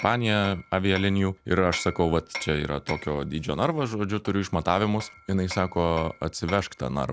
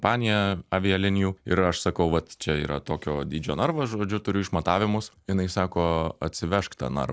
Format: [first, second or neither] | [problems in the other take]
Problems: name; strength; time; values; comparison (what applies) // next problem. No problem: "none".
second | background sound (Hammer); 17 dB below the speech